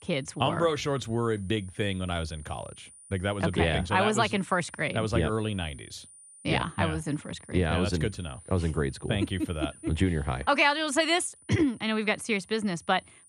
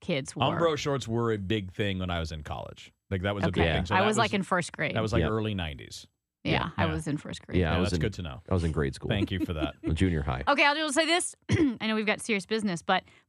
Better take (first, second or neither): second